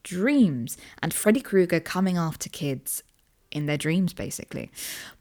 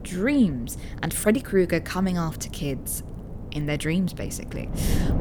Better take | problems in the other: first | wind noise on the microphone; occasional gusts; 15 dB below the speech

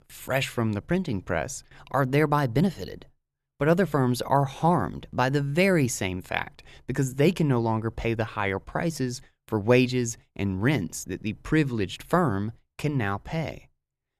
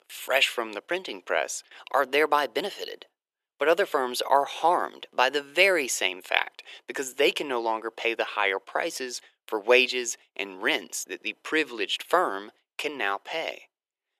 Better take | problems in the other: first | thin; very; fading below 400 Hz

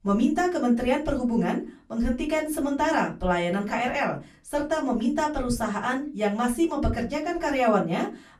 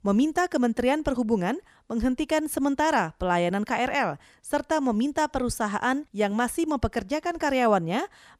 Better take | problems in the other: second | off-mic speech; far // room echo; very slight; dies away in 0.2 s

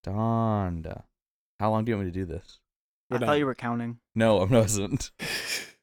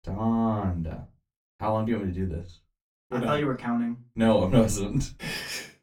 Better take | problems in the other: first | off-mic speech; far // room echo; very slight; dies away in 0.2 s

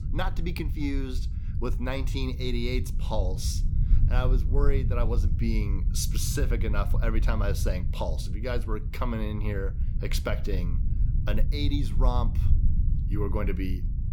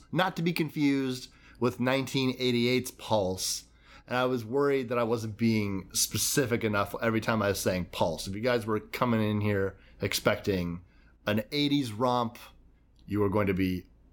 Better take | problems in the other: second | low rumble; noticeable; throughout; 10 dB below the speech

